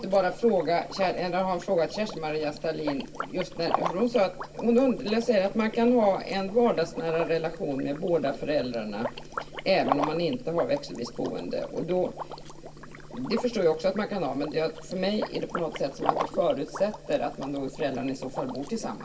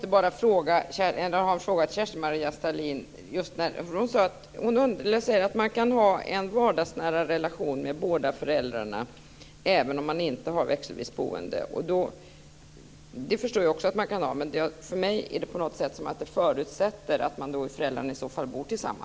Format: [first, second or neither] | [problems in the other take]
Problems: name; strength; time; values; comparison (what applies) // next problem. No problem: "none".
second | background sound (Liquid); 11 dB below the speech // room echo; dies away in 0.2 s